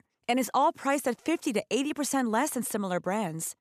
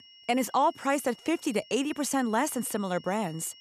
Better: first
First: none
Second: high-pitched whine; faint; throughout; 3 kHz, 20 dB below the speech

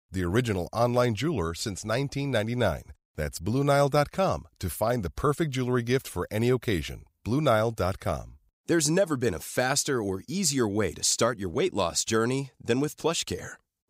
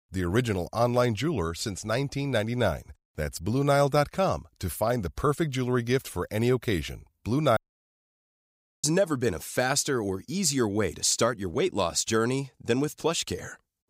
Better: first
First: none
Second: audio cutting out; at 7.5 s for 1.5 s

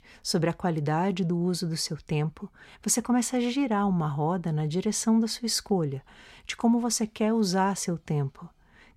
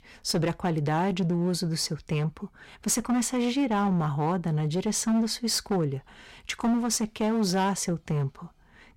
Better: first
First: none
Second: distortion; slight; 11% of the sound clipped

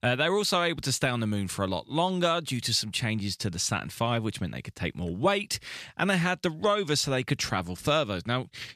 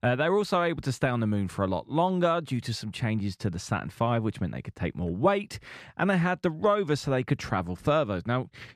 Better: first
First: none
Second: muffled; slightly; fading above 2.5 kHz

